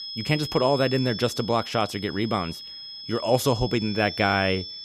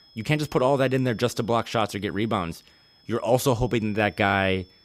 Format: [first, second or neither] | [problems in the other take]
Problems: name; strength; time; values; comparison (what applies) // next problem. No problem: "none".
second | high-pitched whine; loud; throughout; 5.5 kHz, 9 dB below the speech; faint in the second